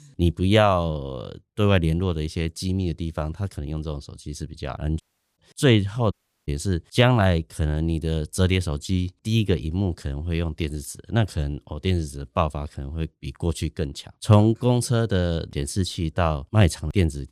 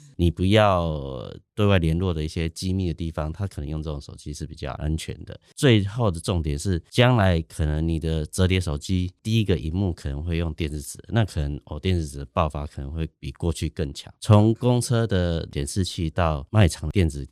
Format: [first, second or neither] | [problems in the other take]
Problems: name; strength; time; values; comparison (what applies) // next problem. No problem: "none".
second | audio cutting out; at 5 s and at 6 s